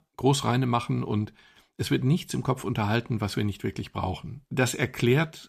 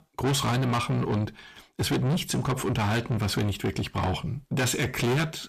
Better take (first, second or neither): first